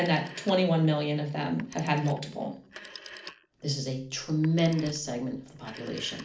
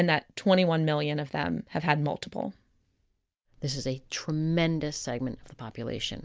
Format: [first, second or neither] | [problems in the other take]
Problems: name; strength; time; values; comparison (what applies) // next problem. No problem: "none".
second | background sound (Telephone); 19 dB below the speech // room echo; dies away in 0.4 s